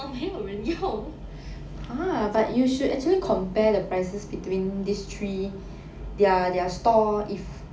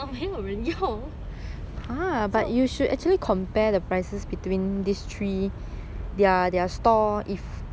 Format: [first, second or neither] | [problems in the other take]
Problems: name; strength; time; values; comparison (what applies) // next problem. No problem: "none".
second | room echo; dies away in 0.4 s